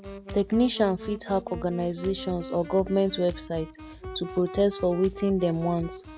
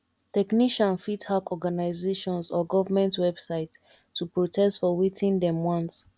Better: second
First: background sound (Wind instrument, woodwind instrument + Drum kit); 13 dB below the speech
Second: none

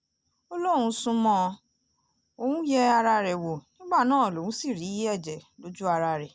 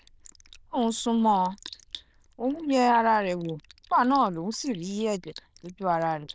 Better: first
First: none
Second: noise reduction (neural diffusion model UNIVERSE++)

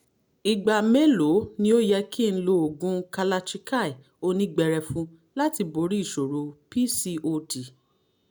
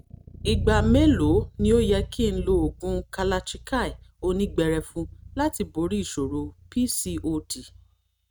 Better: first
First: none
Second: noise reduction (neural mask model RNNoise)

